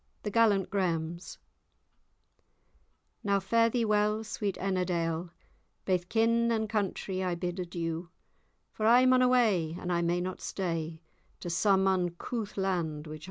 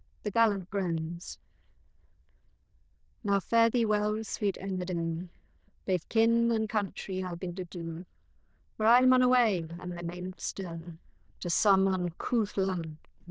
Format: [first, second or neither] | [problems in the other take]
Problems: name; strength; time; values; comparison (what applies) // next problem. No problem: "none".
first | noise reduction (neural diffusion model UNIVERSE++)